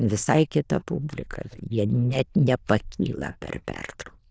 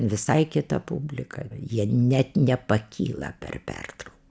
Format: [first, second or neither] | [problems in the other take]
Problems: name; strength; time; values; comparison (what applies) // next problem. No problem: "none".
second | noise reduction (neural diffusion model UNIVERSE++)